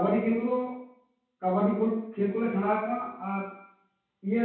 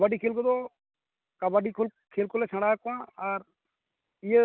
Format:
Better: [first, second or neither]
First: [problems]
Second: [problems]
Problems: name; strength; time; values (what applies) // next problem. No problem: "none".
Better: second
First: room echo; dies away in 0.6 s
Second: none